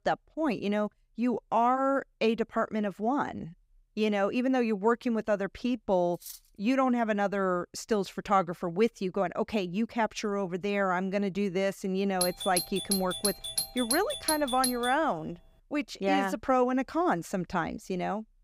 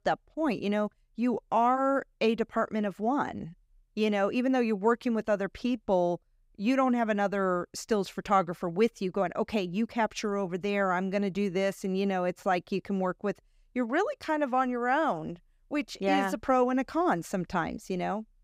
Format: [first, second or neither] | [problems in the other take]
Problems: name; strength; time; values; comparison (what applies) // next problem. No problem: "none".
second | clattering dishes; faint; at 6 s; peak 15 dB below the speech // doorbell; noticeable; from 12 to 15 s; peak level with the speech